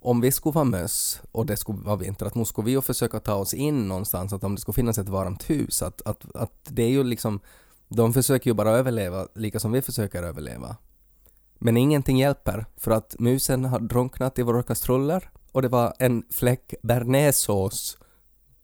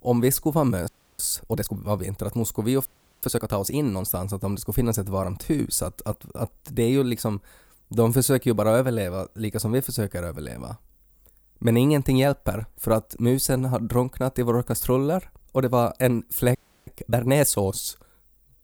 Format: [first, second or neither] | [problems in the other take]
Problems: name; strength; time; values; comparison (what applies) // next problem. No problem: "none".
first | audio freezing; at 1 s, at 3 s and at 17 s